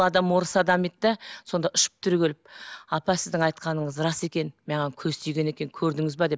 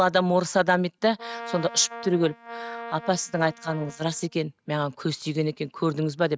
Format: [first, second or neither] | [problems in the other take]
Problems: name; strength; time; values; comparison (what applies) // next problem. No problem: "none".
first | noise reduction (neural mask model RNNoise)